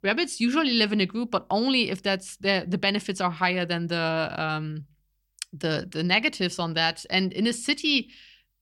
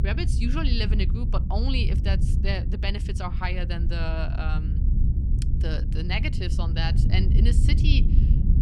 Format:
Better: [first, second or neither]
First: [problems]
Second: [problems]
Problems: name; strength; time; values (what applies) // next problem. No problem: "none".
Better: first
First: none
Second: low rumble; loud; throughout; 8 dB below the speech